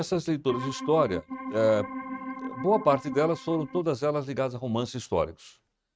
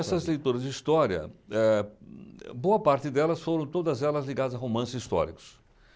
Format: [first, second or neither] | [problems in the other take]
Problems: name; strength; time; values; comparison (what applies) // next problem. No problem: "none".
second | noise reduction (neural mask model RNNoise)